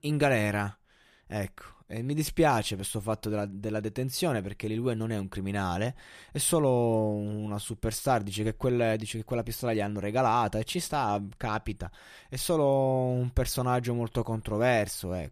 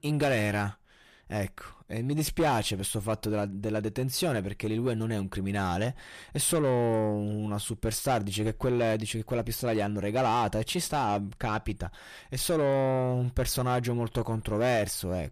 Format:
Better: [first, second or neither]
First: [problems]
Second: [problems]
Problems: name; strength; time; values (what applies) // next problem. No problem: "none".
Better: first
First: none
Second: distortion; slight; 10 dB below the speech